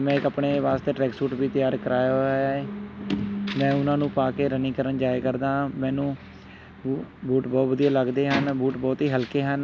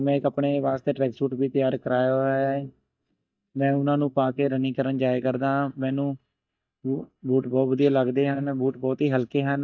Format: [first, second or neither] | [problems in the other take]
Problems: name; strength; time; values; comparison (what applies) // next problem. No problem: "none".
first | noise reduction (neural mask model DeepFilterNet 3)